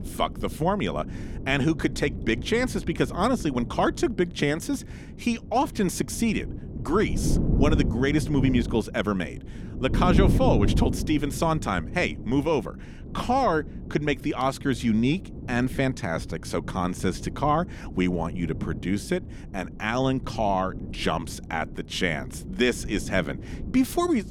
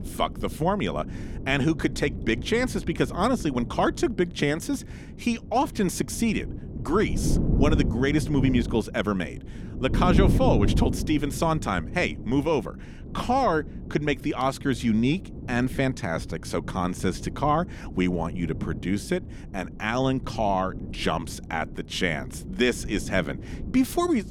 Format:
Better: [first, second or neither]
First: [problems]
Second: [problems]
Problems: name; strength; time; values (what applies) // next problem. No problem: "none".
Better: neither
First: wind noise on the microphone; occasional gusts; 15 dB below the speech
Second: wind noise on the microphone; occasional gusts; 15 dB below the speech